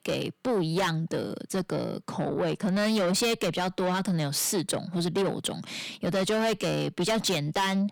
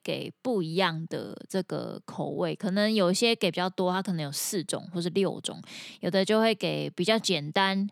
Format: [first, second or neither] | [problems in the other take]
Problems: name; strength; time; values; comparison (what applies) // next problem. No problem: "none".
second | distortion; heavy; 6 dB below the speech